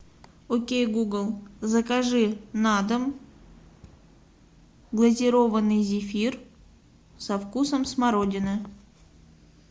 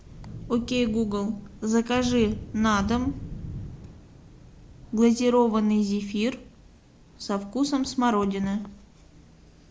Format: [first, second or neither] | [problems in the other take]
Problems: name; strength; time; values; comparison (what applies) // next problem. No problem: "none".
first | background sound (Thunder / Rain); 15 dB below the speech